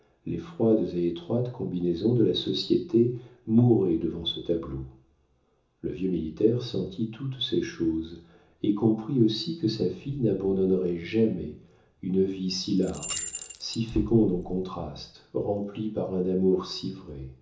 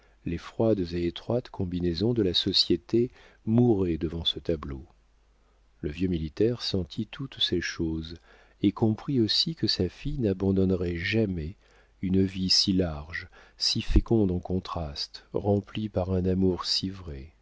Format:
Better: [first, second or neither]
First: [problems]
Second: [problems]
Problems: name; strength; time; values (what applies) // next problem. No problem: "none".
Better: second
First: background sound (Rattle / Keys jangling); 12 dB below the speech // room echo; dies away in 0.7 s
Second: none